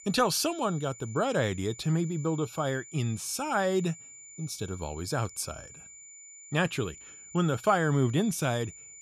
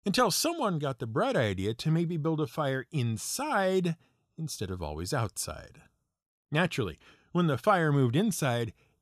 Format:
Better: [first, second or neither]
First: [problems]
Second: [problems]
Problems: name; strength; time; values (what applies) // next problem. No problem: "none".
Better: second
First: high-pitched whine; noticeable; throughout; 7 kHz, 15 dB below the speech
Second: none